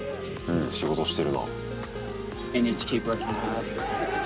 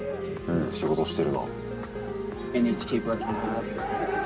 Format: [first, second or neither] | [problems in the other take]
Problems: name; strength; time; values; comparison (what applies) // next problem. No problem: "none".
first | room echo; dies away in 1 s